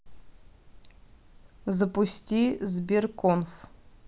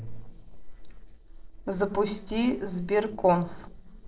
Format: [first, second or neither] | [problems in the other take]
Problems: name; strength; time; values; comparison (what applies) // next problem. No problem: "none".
first | noise reduction (neural separator model SepFormer DNS4)